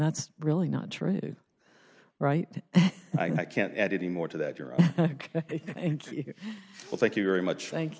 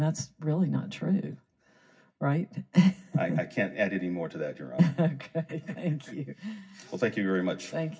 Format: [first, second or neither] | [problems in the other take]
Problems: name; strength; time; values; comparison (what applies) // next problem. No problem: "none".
first | room echo; dies away in 0.4 s